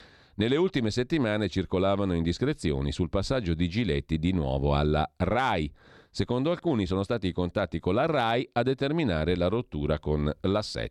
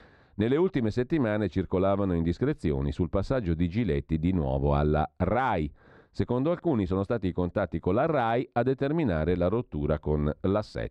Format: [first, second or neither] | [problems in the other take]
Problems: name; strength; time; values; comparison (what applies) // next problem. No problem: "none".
first | muffled; slightly; fading above 2.5 kHz